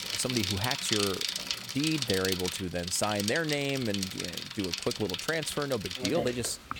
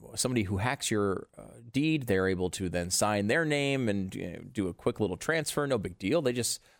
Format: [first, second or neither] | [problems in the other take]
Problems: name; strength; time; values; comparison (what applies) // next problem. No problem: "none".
second | traffic noise; loud; throughout; 1 dB below the speech